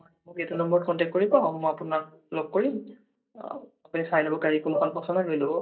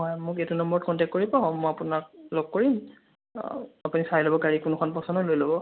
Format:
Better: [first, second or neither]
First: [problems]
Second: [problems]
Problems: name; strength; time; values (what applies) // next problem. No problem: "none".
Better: second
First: noise reduction (neural mask model DeepFilterNet 3)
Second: none